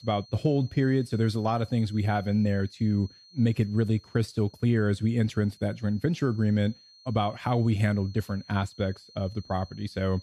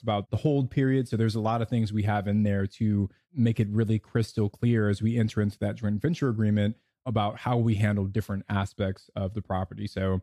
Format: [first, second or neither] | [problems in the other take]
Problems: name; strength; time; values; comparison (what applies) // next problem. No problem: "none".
second | high-pitched whine; faint; throughout; 4.5 kHz, 25 dB below the speech